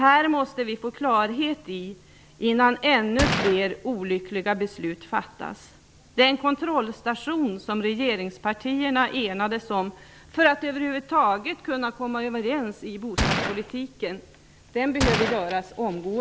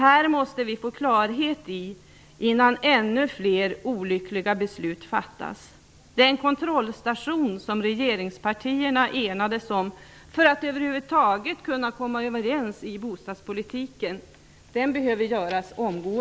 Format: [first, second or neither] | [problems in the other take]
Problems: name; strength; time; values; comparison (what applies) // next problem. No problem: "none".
second | background sound (Gunshot, gunfire); 3 dB below the speech